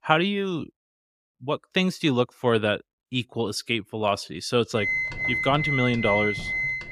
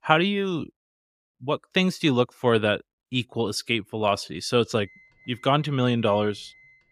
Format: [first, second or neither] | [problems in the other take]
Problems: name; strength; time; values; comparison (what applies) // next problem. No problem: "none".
second | background music; loud; from 5 s on; as loud as the speech; faint in the second